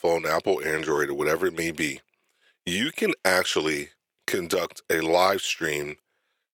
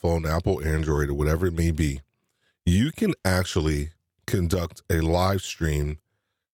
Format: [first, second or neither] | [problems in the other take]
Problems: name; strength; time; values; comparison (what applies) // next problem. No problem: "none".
second | thin; very; fading below 450 Hz